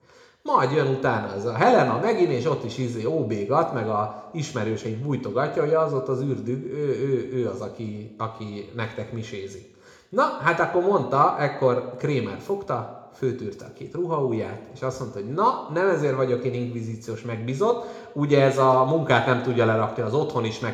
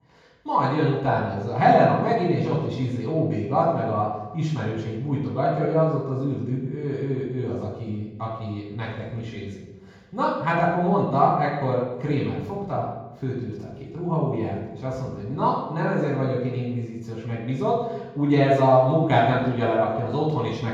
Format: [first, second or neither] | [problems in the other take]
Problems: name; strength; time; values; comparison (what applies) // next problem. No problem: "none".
first | room echo; strong; dies away in 1.3 s; slight in the first // off-mic speech; far; somewhat distant in the first